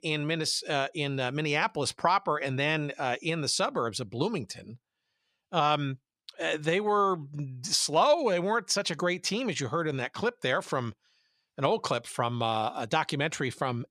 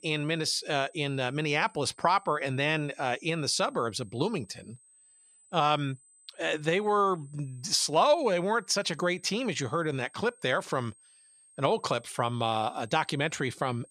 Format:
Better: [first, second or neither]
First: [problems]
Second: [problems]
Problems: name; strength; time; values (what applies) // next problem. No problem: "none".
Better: first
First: none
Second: high-pitched whine; faint; throughout; 8 kHz, 30 dB below the speech